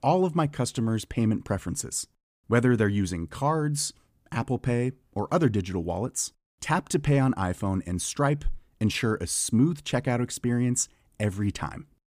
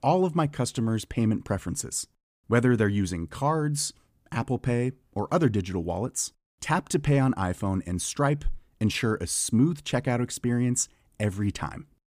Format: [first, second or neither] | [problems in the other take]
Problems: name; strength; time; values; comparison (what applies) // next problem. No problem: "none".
neither | none